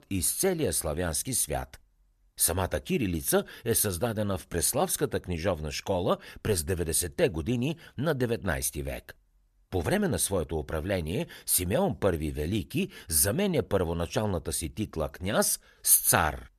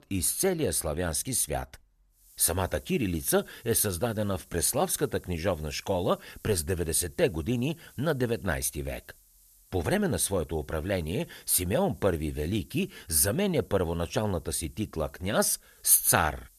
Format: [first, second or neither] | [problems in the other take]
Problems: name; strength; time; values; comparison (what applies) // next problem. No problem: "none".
first | hiss; faint; from 2 s on; 25 dB below the speech